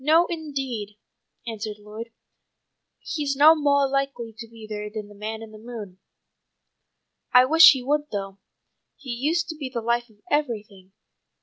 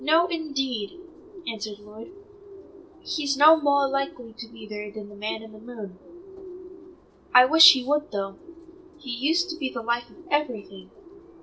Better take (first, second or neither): first